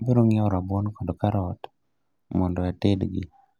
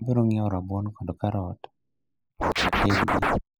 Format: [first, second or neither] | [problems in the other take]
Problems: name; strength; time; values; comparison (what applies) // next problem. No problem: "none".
first | noise reduction (neural mask model Resemble Enhance denoiser)